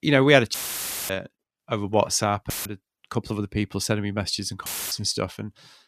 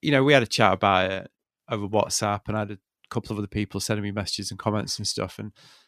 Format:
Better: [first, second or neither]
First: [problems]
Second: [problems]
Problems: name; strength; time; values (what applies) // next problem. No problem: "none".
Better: second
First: audio cutting out; filled with static; at 0.5 s for 0.5 s, at 2.5 s and at 4.5 s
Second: none